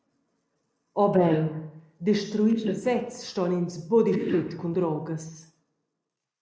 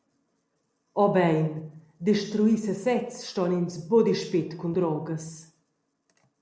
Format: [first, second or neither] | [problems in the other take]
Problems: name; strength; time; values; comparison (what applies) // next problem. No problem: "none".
second | noise reduction (neural mask model Resemble Enhance denoiser)